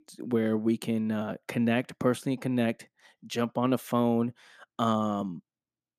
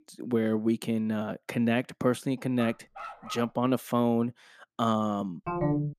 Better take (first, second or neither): first